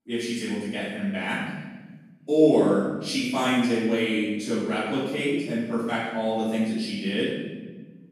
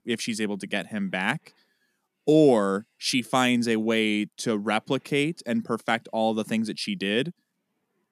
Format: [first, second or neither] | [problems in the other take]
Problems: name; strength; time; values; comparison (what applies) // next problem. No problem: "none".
second | room echo; strong; dies away in 1.2 s // off-mic speech; far